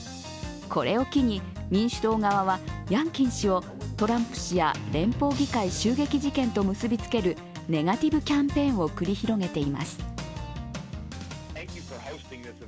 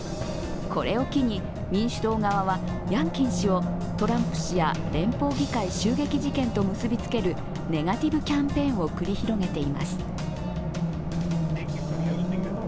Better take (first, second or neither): first